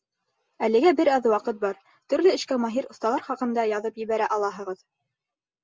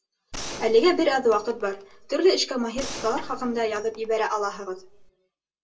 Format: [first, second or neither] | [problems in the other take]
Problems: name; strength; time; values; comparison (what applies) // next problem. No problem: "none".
first | background sound (Gunshot, gunfire); 14 dB below the speech // room echo; dies away in 0.2 s